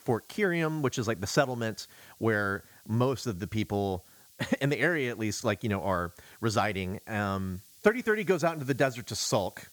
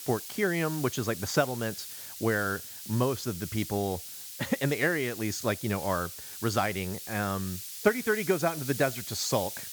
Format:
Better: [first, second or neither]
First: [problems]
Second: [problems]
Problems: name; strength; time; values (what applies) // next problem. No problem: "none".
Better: first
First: hiss; faint; throughout; 25 dB below the speech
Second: hiss; loud; throughout; 8 dB below the speech